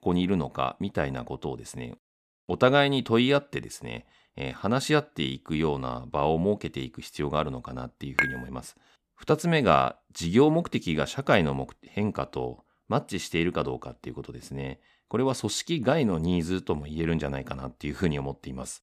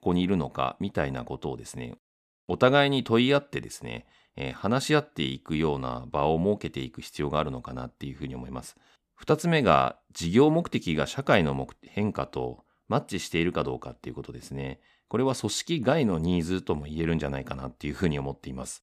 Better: second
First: clattering dishes; loud; at 8 s; peak 1 dB above the speech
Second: none

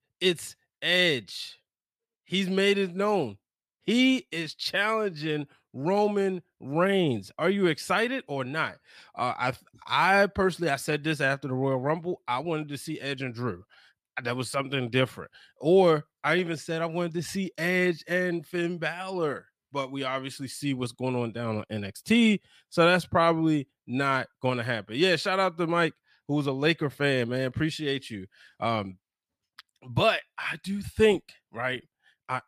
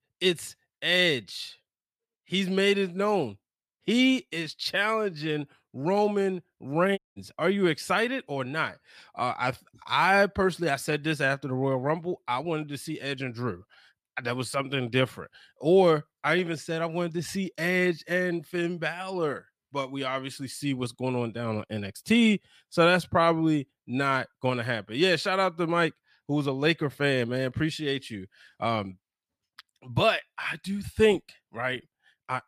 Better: first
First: none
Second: audio cutting out; at 7 s

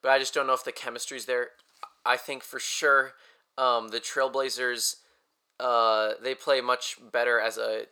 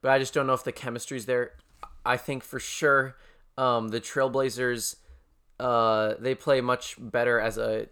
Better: second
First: thin; somewhat; fading below 500 Hz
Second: none

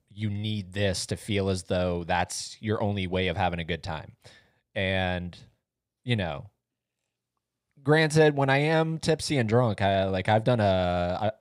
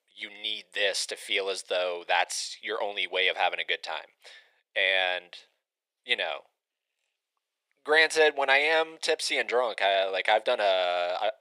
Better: first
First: none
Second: thin; very; fading below 450 Hz

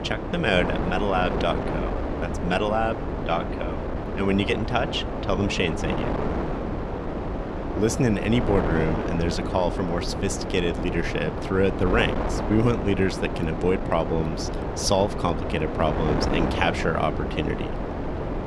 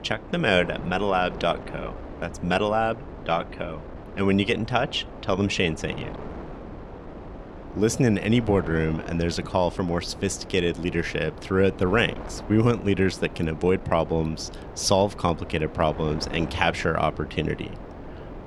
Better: second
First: wind noise on the microphone; heavy; 4 dB below the speech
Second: wind noise on the microphone; occasional gusts; 15 dB below the speech

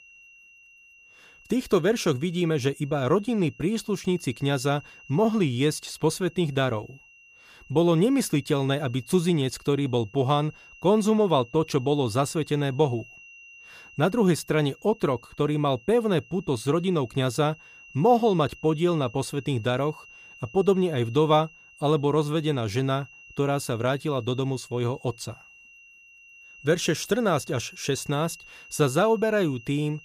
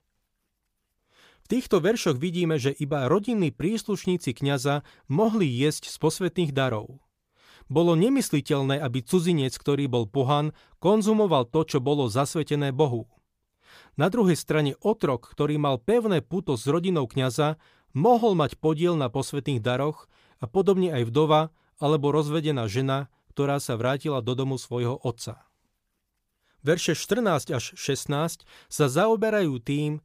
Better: second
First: high-pitched whine; faint; throughout; 3 kHz, 25 dB below the speech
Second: none

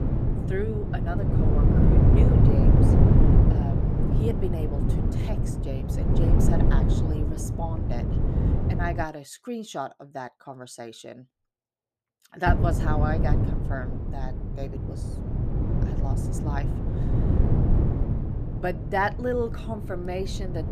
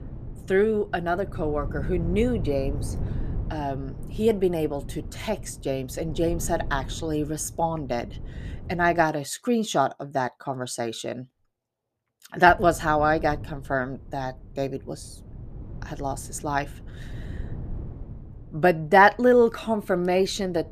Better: second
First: wind noise on the microphone; heavy; until 9 s and from 12 s on; 1 dB below the speech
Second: wind noise on the microphone; occasional gusts; until 9 s and from 12 s on; 25 dB below the speech

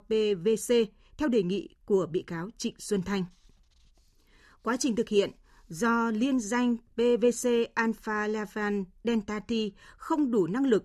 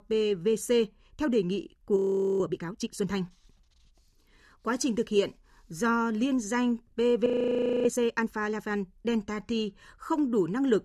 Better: first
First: none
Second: audio freezing; at 2 s and at 7.5 s for 0.5 s

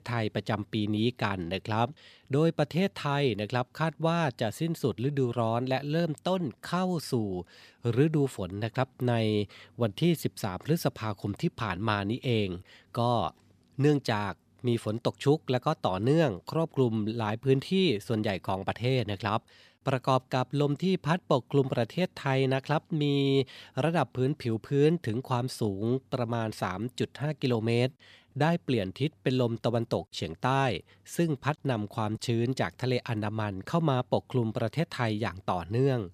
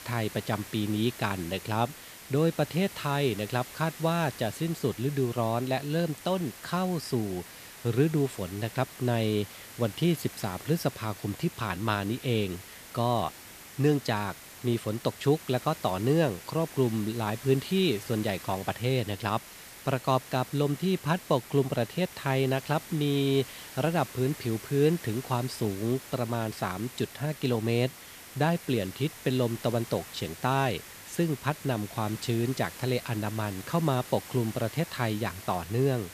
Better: first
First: none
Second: hiss; noticeable; throughout; 15 dB below the speech

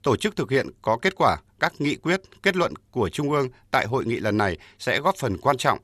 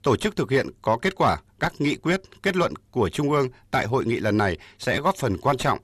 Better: first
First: none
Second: distortion; slight; 10 dB below the speech

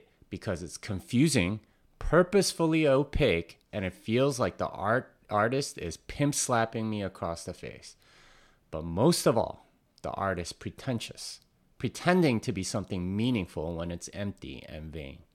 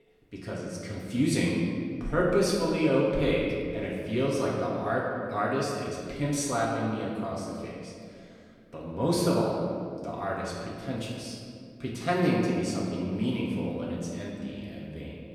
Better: first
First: none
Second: room echo; noticeable; dies away in 2 s // off-mic speech; far

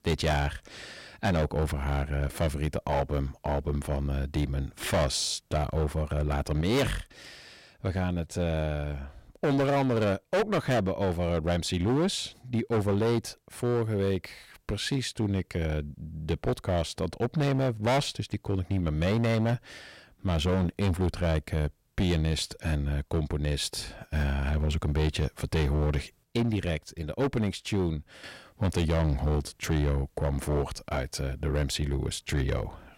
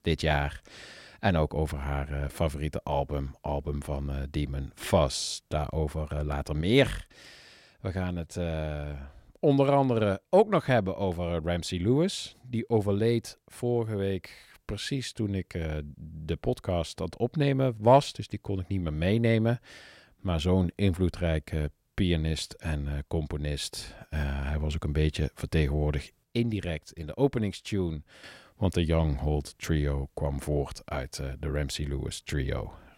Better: second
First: distortion; heavy; 10% of the sound clipped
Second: none

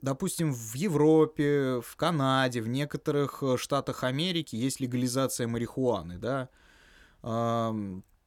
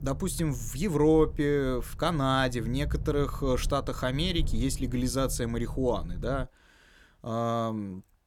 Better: first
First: none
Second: low rumble; faint; until 6.5 s; 25 dB below the speech

